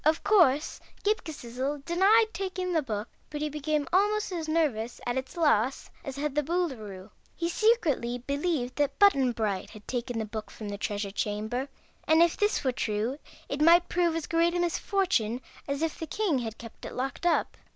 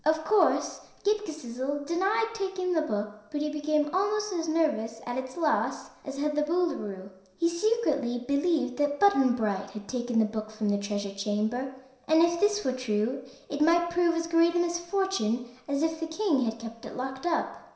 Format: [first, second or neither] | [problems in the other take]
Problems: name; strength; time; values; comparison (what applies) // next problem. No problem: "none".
first | room echo; dies away in 0.7 s